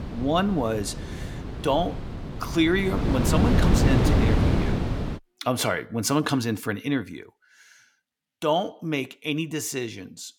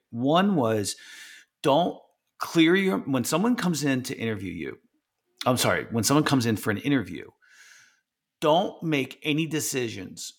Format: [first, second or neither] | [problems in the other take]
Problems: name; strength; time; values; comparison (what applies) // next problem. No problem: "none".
second | wind noise on the microphone; heavy; until 5 s; 4 dB below the speech